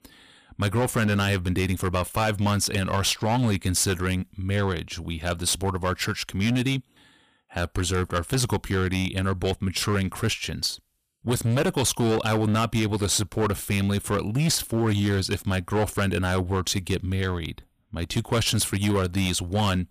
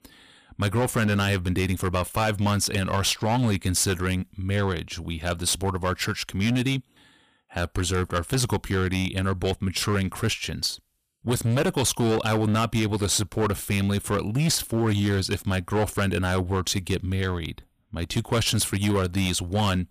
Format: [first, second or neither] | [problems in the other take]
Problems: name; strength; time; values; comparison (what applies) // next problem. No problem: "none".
neither | distortion; slight; 9% of the sound clipped; the same in both